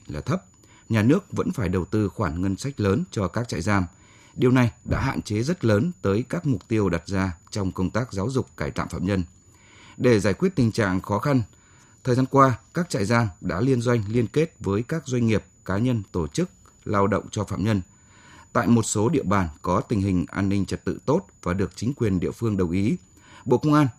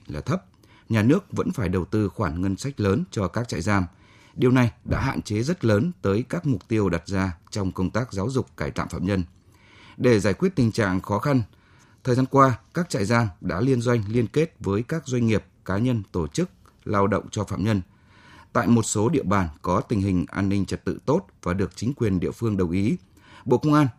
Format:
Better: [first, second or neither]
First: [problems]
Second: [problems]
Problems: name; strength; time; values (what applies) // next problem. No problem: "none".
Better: second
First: high-pitched whine; faint; throughout; 7 kHz, 30 dB below the speech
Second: none